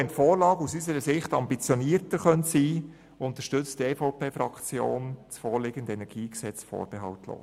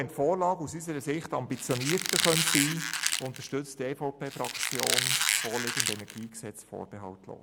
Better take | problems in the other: first | background sound (Squeak); 2 dB above the speech

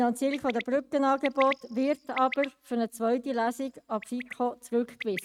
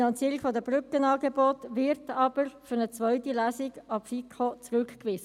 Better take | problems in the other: second | noise reduction (neural mask model RNNoise)

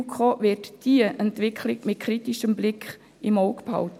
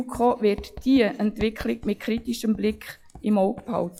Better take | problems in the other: first | noise reduction (classical method log-MMSE)

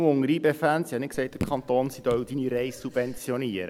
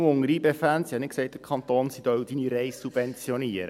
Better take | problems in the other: second | background sound (Raindrop / Drip); 13 dB below the speech

